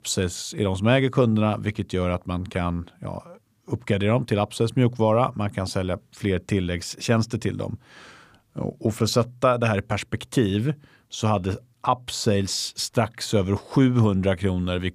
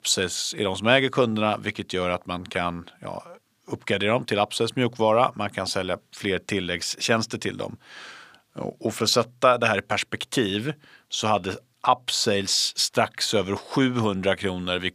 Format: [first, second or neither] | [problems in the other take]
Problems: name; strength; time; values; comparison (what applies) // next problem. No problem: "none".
first | thin; very slightly; fading below 800 Hz